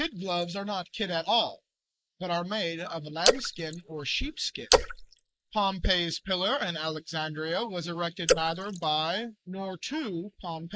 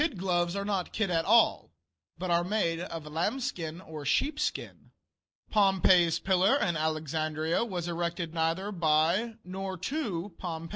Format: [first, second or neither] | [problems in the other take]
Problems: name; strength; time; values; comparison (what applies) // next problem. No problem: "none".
second | noise reduction (neural mask model Resemble Enhance denoiser)